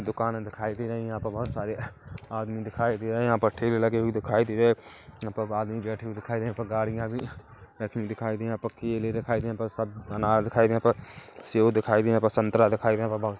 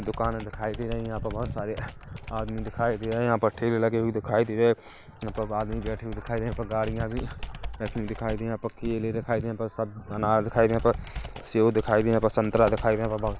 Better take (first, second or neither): first